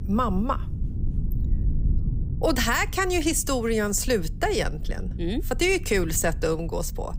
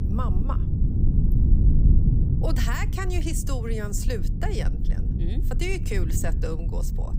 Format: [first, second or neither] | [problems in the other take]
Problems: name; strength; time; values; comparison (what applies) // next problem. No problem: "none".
first | low rumble; loud; throughout; 5 dB below the speech; faint in the first